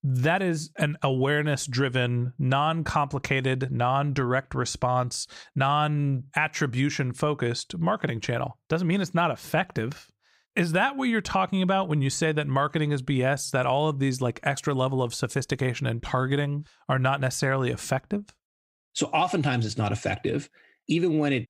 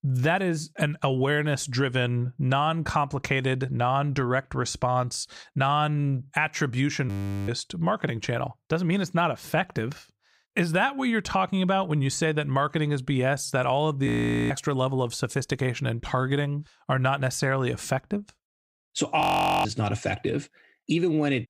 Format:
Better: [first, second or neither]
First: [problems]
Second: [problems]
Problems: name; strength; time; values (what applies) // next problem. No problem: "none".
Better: first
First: none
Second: audio freezing; at 7 s, at 14 s and at 19 s